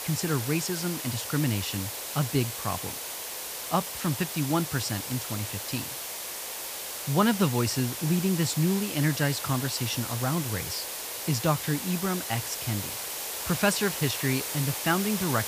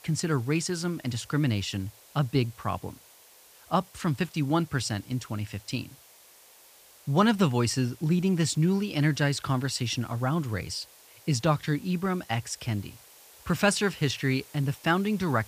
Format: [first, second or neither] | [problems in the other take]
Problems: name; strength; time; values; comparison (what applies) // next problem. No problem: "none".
second | hiss; loud; throughout; 4 dB below the speech; faint in the second